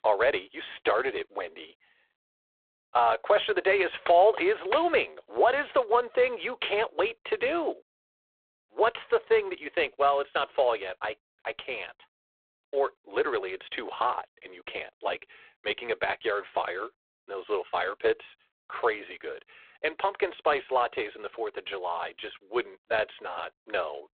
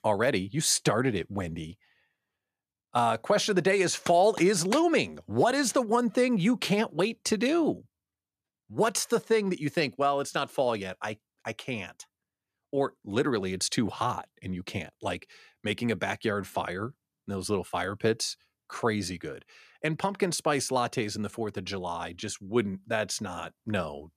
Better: second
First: phone-call audio; poor line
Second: none

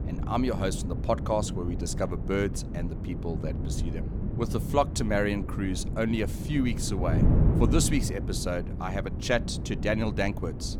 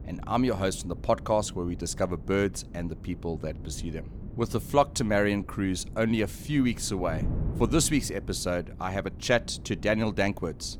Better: second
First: wind noise on the microphone; heavy; 10 dB below the speech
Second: wind noise on the microphone; occasional gusts; 20 dB below the speech

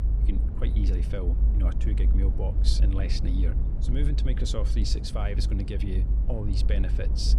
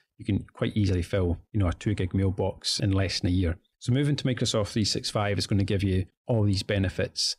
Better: second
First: low rumble; loud; throughout; 7 dB below the speech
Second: none

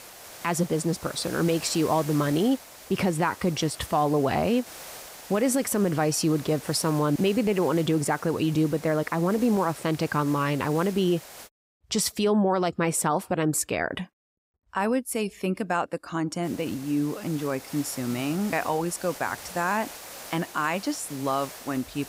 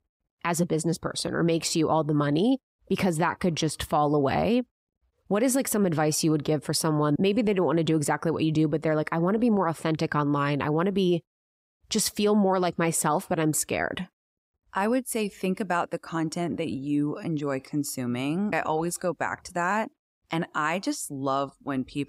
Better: second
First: hiss; noticeable; until 11 s and from 16 s on; 15 dB below the speech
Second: none

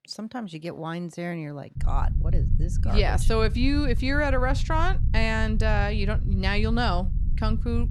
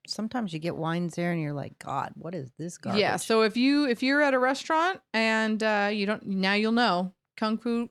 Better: second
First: low rumble; noticeable; from 2 s on; 15 dB below the speech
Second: none

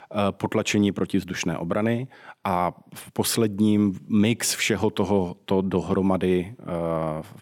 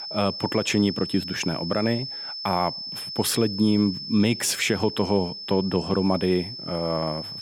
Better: first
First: none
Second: high-pitched whine; loud; throughout; 5.5 kHz, 8 dB below the speech

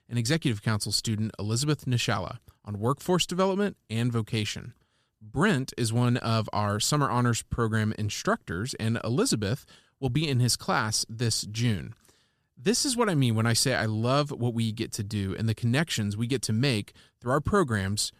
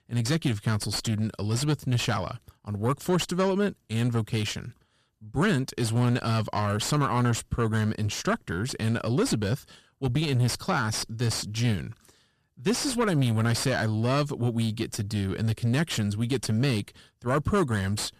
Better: first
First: none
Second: distortion; slight; 10 dB below the speech

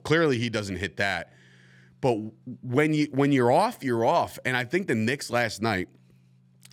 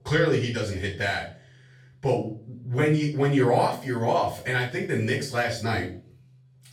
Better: first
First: none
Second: off-mic speech; far // room echo; slight; dies away in 0.4 s

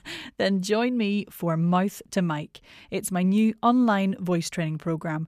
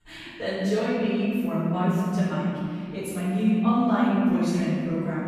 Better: first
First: none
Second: off-mic speech; far // room echo; strong; dies away in 2.7 s

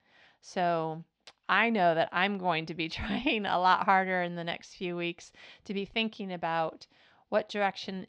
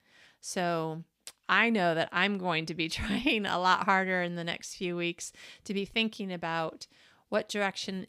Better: second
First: muffled; very slightly; fading above 4.5 kHz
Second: none

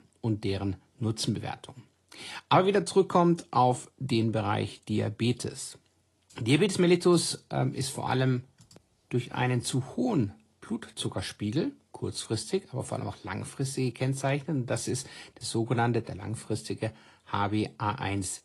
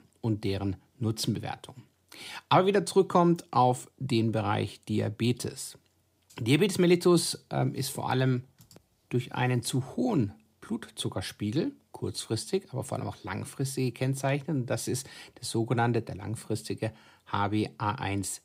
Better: second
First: garbled, watery; slightly; nothing above 11 kHz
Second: none

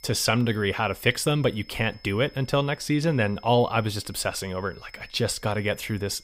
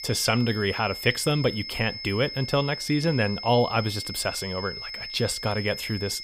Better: first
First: high-pitched whine; faint; throughout; 5 kHz, 25 dB below the speech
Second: high-pitched whine; loud; throughout; 5 kHz, 8 dB below the speech

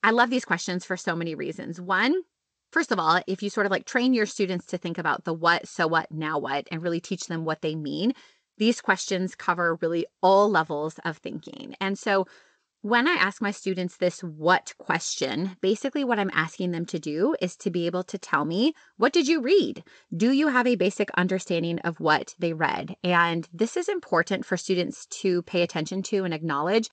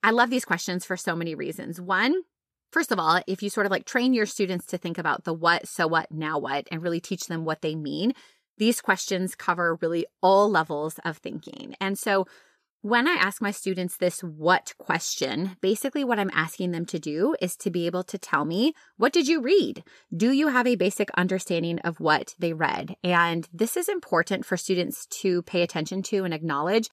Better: second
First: garbled, watery; slightly; nothing above 8 kHz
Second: none

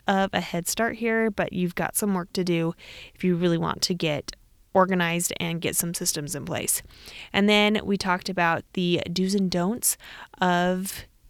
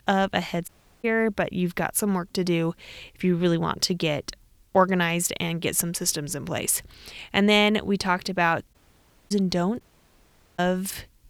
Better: first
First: none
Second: audio cutting out; at 0.5 s, at 8.5 s for 0.5 s and at 10 s for 1 s

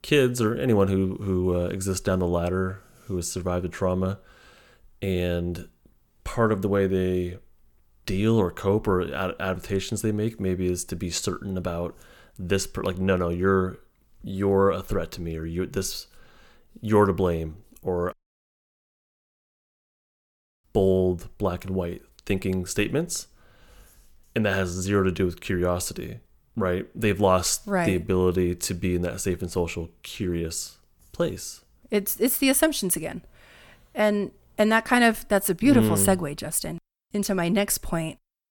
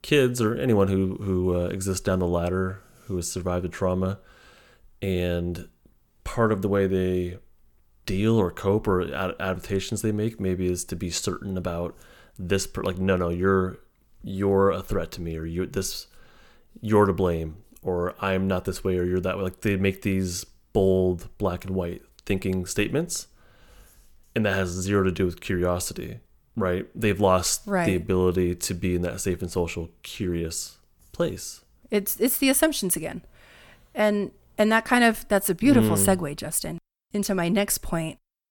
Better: second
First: audio cutting out; at 18 s for 2.5 s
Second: none

